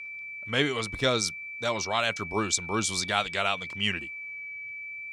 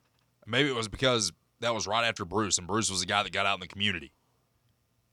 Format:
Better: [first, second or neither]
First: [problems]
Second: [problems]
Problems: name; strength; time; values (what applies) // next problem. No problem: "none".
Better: second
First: high-pitched whine; loud; throughout; 2.5 kHz, 8 dB below the speech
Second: none